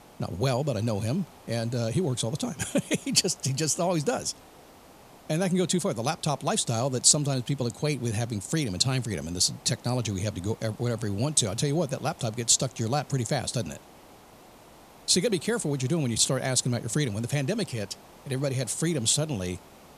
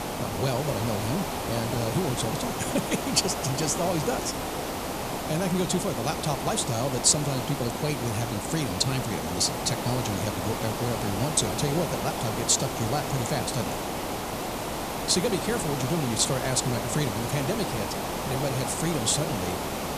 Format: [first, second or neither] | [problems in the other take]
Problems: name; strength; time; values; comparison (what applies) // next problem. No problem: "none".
first | hiss; loud; throughout; 3 dB below the speech; faint in the first